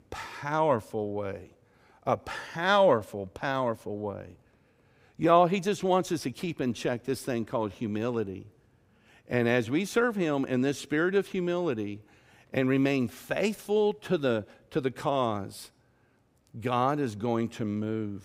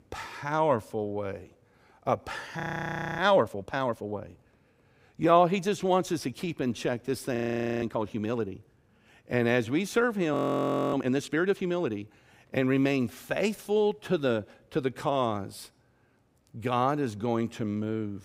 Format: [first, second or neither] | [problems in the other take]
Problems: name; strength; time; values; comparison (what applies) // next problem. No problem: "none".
first | audio freezing; at 2.5 s for 0.5 s, at 7.5 s and at 10 s for 0.5 s